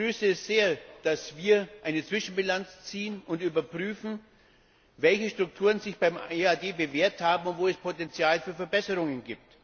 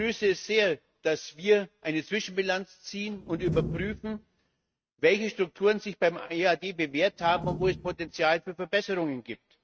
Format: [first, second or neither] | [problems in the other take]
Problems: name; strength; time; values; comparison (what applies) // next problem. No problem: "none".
first | noise reduction (neural mask model RNNoise)